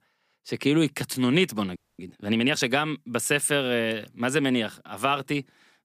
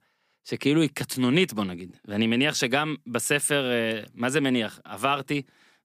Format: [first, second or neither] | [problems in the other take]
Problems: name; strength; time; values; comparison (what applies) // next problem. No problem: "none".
second | audio freezing; at 2 s